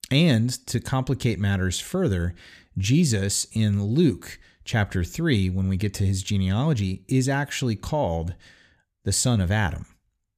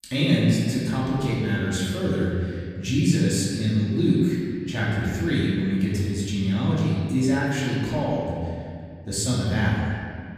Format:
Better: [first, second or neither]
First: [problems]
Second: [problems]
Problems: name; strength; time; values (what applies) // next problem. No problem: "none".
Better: first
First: none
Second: off-mic speech; far // room echo; strong; dies away in 2.1 s